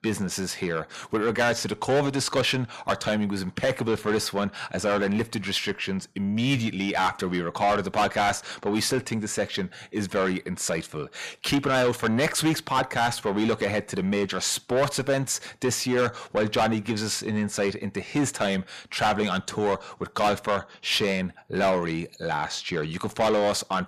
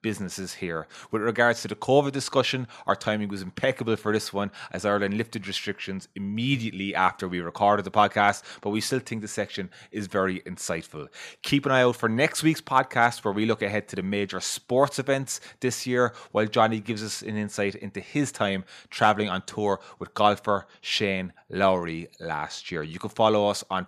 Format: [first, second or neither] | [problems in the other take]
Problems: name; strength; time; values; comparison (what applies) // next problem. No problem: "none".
second | distortion; heavy; 6 dB below the speech